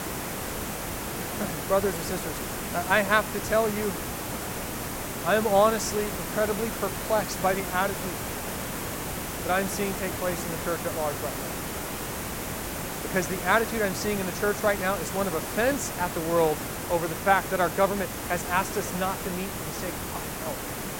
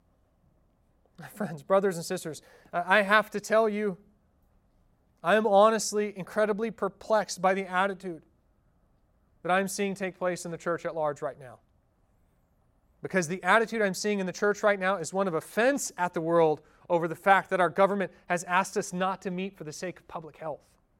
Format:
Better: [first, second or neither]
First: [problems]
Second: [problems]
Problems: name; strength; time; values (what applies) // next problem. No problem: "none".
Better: second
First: hiss; loud; throughout; 5 dB below the speech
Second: none